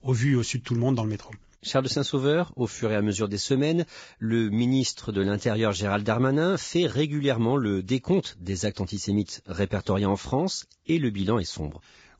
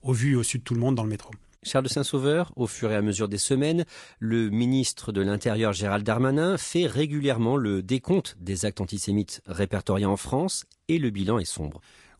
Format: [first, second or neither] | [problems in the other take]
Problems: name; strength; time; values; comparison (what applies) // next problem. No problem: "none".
second | garbled, watery; badly; nothing above 7.5 kHz; slightly in the second